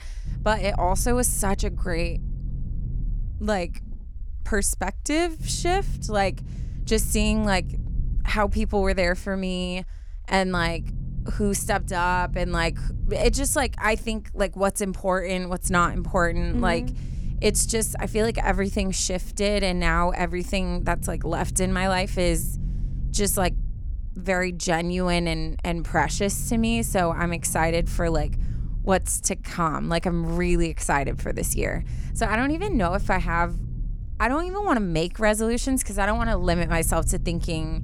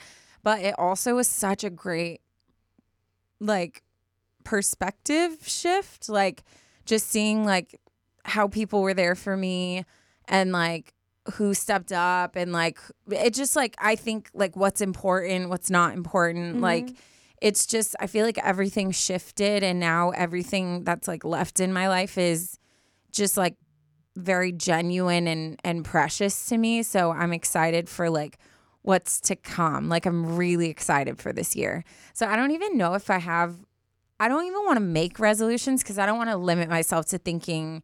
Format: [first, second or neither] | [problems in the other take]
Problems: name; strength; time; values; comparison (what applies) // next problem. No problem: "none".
second | low rumble; faint; throughout; 25 dB below the speech